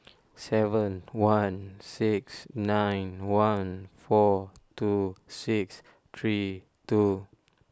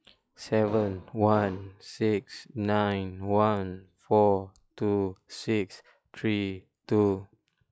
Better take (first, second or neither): first